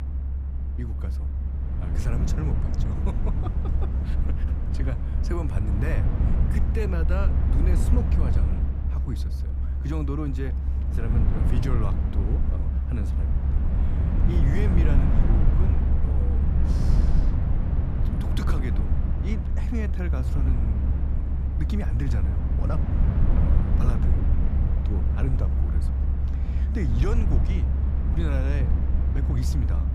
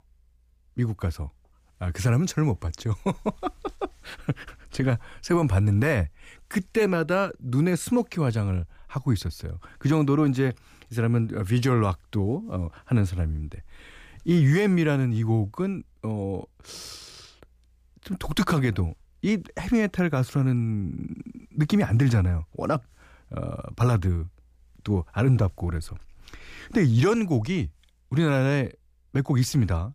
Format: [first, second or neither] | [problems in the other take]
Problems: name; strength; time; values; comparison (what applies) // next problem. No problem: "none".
second | low rumble; loud; throughout; as loud as the speech